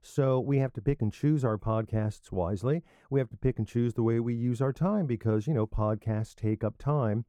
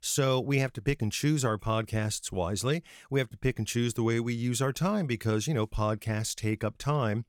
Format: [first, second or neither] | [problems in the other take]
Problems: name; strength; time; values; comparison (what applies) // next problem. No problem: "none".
second | muffled; very; fading above 2 kHz